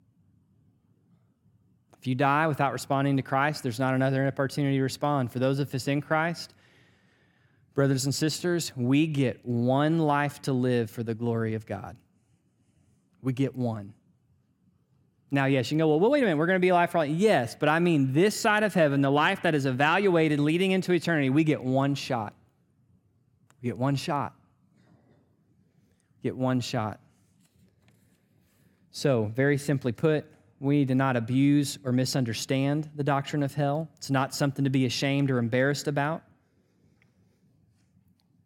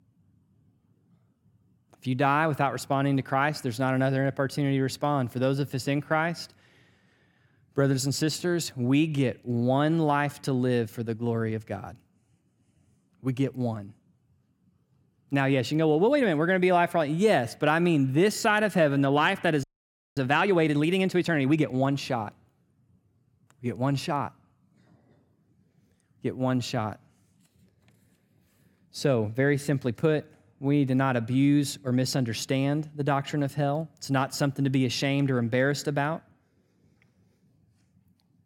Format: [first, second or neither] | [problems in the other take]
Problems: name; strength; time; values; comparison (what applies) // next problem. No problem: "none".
first | audio freezing; at 20 s for 0.5 s